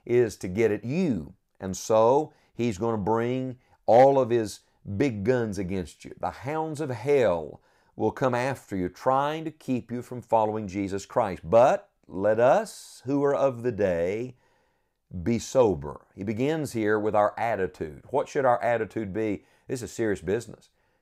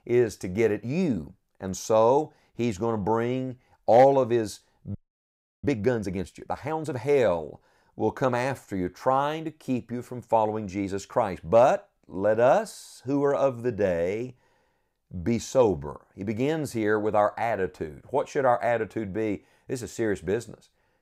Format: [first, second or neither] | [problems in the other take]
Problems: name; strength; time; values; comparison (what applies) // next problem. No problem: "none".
first | audio freezing; at 5 s for 0.5 s